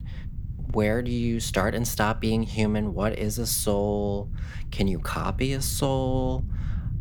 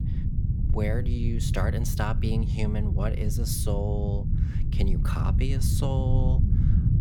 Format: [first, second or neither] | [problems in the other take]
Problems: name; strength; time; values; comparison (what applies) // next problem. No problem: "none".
first | low rumble; loud; throughout; 5 dB below the speech; faint in the first